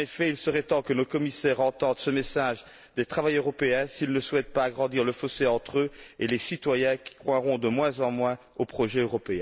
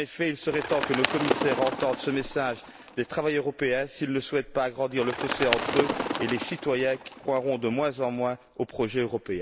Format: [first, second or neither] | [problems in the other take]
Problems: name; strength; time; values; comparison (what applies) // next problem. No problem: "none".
first | background sound (Bird); 5 dB below the speech